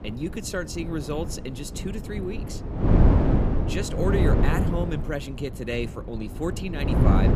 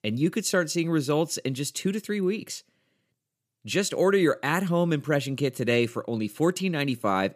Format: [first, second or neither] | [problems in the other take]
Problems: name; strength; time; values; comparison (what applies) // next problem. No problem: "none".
second | wind noise on the microphone; heavy; as loud as the speech